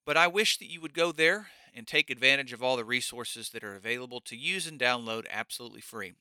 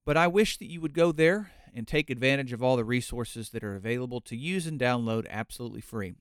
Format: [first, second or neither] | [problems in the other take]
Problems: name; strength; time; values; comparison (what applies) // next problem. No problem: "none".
second | thin; somewhat; fading below 1 kHz